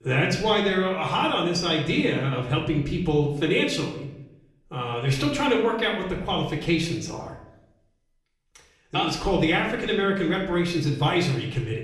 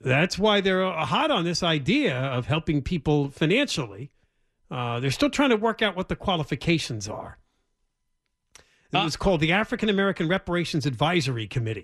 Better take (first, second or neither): second